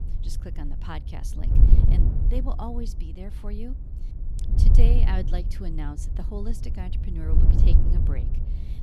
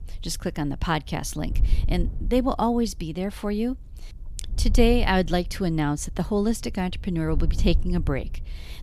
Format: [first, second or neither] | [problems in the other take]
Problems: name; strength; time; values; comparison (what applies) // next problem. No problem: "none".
second | wind noise on the microphone; heavy; 1 dB below the speech; occasional gusts in the second